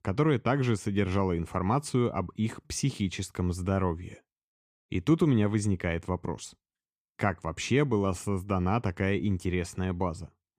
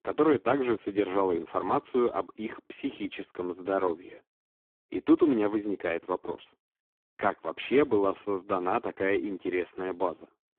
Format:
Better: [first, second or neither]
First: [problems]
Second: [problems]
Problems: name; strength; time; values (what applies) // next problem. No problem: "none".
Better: first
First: none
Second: phone-call audio; poor line